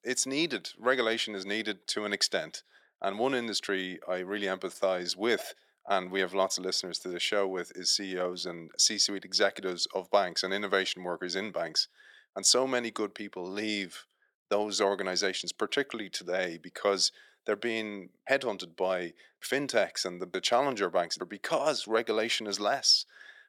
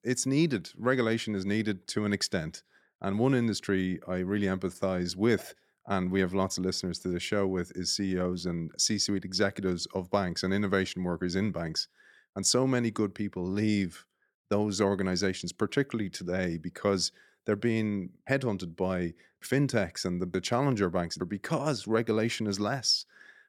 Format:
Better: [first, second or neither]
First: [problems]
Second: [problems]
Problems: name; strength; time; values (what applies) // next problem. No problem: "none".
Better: second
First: thin; somewhat; fading below 450 Hz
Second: none